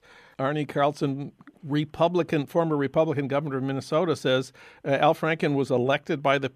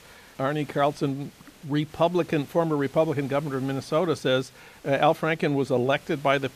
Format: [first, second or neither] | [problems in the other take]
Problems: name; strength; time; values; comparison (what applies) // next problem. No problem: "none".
first | hiss; faint; throughout; 25 dB below the speech